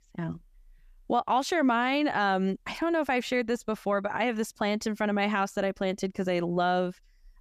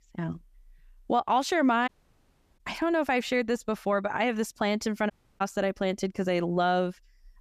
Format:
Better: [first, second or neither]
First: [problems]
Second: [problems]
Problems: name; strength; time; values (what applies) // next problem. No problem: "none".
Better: first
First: none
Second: audio cutting out; at 2 s for 0.5 s and at 5 s